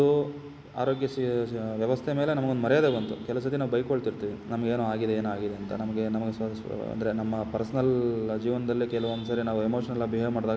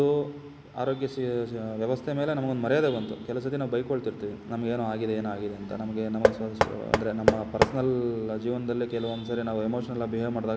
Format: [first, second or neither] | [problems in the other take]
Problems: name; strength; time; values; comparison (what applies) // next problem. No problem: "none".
first | background sound (Knock); 1 dB above the speech